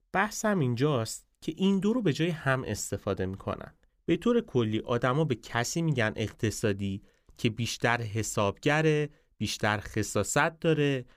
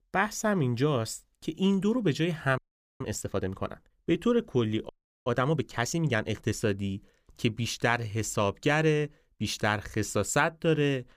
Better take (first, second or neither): first